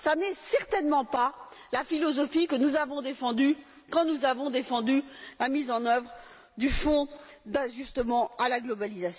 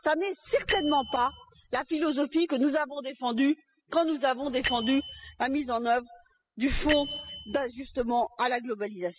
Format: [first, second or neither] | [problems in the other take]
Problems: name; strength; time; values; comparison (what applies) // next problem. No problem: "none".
first | noise reduction (classical method spectral subtraction)